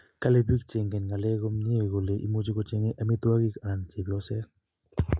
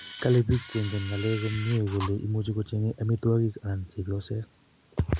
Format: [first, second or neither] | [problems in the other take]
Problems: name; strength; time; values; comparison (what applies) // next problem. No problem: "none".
first | background sound (Camera); 17 dB below the speech